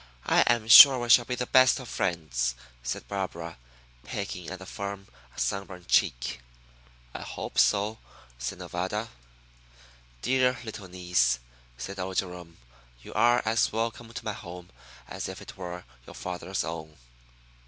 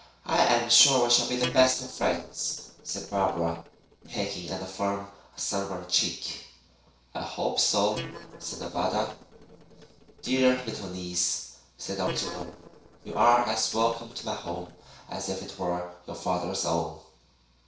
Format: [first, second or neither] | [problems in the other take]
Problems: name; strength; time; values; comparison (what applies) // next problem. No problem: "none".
first | noise reduction (neural separator model SepFormer DNS4)